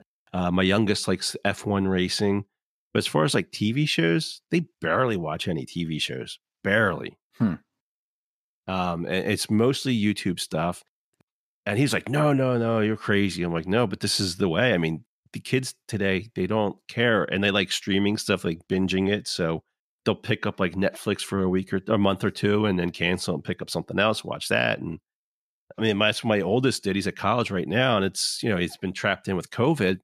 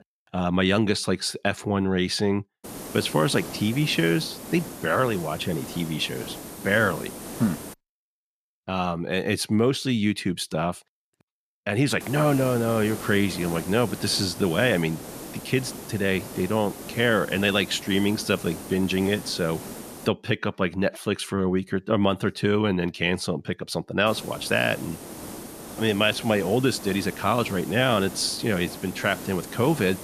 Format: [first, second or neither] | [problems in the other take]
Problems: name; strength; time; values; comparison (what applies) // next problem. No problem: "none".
first | hiss; noticeable; from 2.5 to 7.5 s, from 12 to 20 s and from 24 s on; 10 dB below the speech